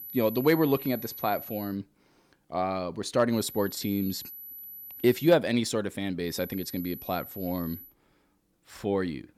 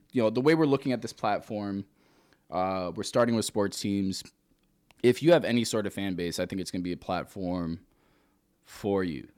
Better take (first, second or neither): second